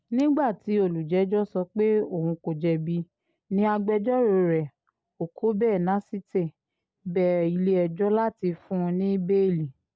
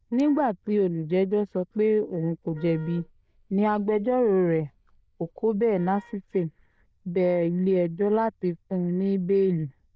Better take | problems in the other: first | noise reduction (neural diffusion model UNIVERSE++)

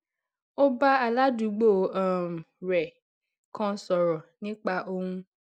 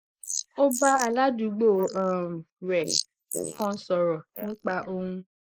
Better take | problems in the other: first | noise reduction (neural mask model Resemble Enhance denoiser)

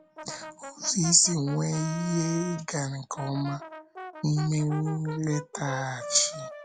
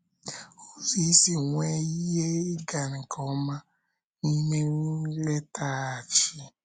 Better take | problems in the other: second | background sound (Brass instrument); 13 dB below the speech

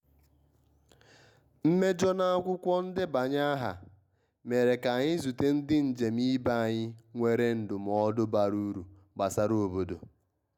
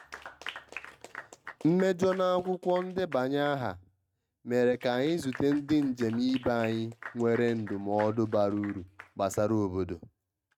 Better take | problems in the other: first | noise reduction (neural mask model RNNoise)

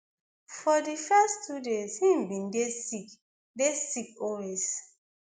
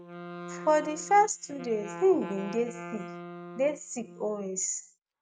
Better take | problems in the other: first | noise reduction (neural mask model RNNoise)

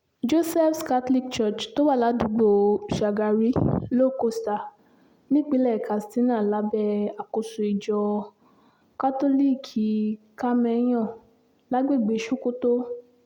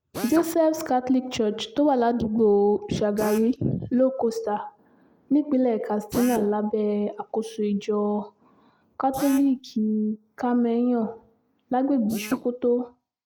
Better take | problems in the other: first | noise reduction (neural mask model Resemble Enhance denoiser)

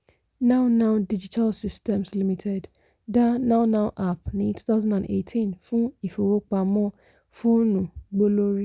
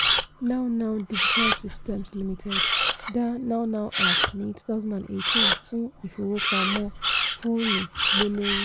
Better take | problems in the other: first | background sound (Camera); 2 dB above the speech

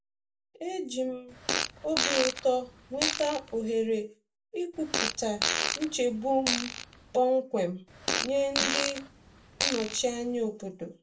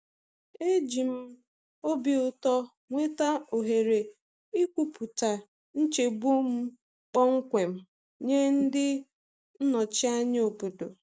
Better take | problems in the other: second | background sound (Fart); 1 dB below the speech // room echo; dies away in 0.2 s

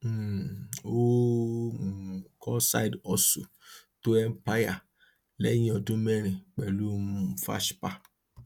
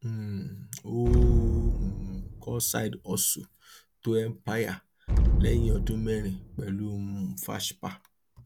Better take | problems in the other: first | background sound (Explosion); 2 dB above the speech

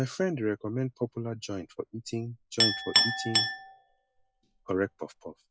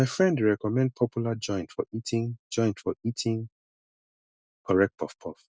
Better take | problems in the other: second | noise reduction (classical method log-MMSE)

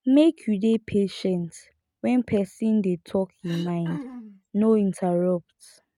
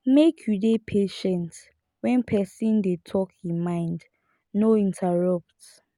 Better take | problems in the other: second | noise reduction (neural mask model RNNoise)

